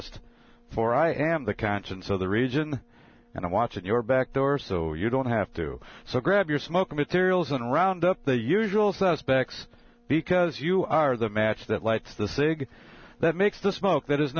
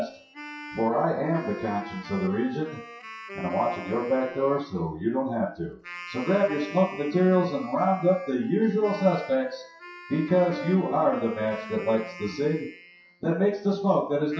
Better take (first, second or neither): first